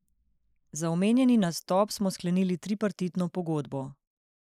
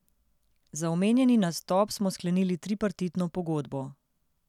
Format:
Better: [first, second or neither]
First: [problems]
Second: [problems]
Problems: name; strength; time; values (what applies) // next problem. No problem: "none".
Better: second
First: noise reduction (neural mask model Resemble Enhance denoiser)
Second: none